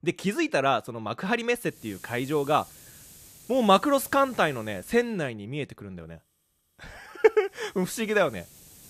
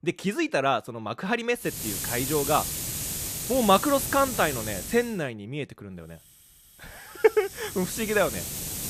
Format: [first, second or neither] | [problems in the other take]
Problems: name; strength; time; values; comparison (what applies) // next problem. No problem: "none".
first | hiss; loud; from 1.5 to 5 s and from 6 s on; 5 dB below the speech; faint in the first